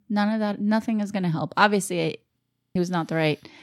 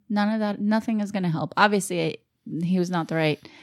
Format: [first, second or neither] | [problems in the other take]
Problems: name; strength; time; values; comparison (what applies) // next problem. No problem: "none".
second | audio freezing; at 2.5 s